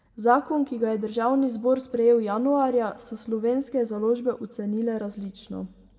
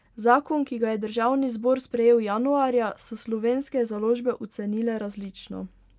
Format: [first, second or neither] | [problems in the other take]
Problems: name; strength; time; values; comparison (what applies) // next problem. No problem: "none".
second | room echo; dies away in 1 s